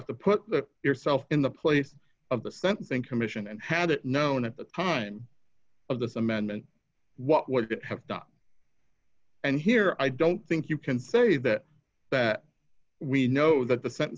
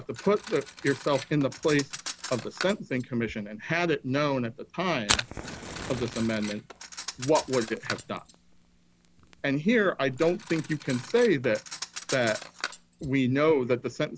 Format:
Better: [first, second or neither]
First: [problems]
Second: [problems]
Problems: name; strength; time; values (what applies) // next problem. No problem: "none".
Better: first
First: none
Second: background sound (Cutlery, silverware + Fire); 11 dB below the speech